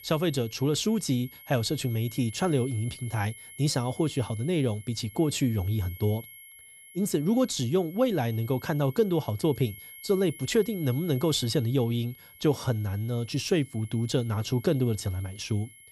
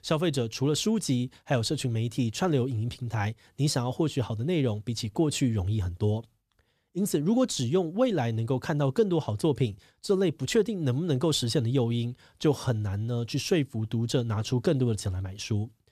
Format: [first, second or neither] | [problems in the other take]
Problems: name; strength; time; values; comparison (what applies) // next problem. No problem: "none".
second | high-pitched whine; noticeable; throughout; 11 kHz, 20 dB below the speech